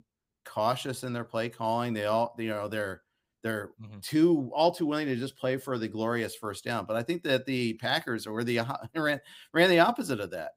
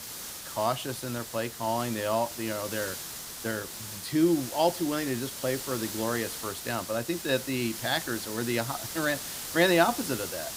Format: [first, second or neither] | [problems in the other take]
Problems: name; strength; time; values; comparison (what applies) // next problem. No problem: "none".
first | hiss; loud; throughout; 7 dB below the speech